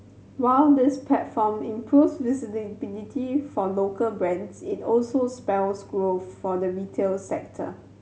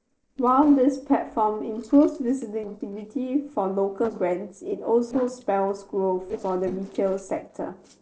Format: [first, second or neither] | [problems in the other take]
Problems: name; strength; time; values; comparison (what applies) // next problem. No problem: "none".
first | noise reduction (neural separator model SepFormer DNS4)